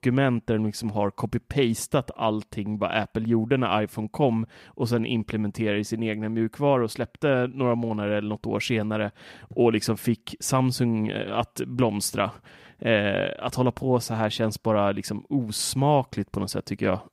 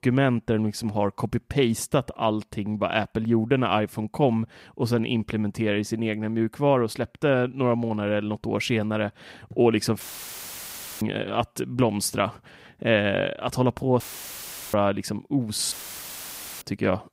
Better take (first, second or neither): first